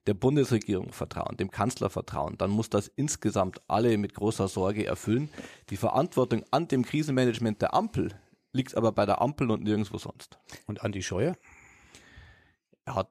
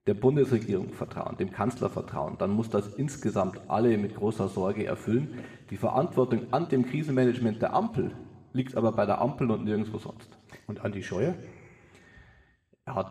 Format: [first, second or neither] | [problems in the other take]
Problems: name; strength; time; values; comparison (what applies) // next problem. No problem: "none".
first | room echo; slight; dies away in 1.1 s